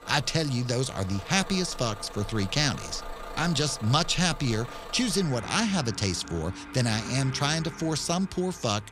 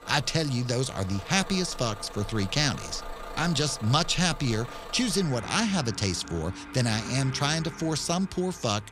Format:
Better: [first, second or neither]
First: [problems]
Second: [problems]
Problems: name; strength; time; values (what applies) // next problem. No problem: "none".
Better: neither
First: traffic noise; noticeable; throughout; 15 dB below the speech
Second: traffic noise; noticeable; throughout; 15 dB below the speech